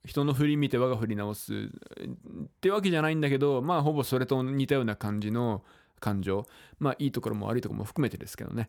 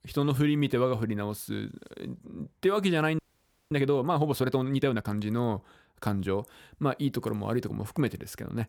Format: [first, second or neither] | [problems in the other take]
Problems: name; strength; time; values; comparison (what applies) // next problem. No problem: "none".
first | audio freezing; at 3 s for 0.5 s